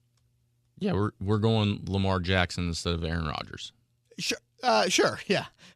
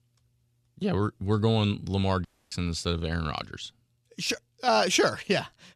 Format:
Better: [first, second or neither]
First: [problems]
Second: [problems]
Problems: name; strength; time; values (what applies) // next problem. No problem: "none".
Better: first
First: none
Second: audio cutting out; at 2.5 s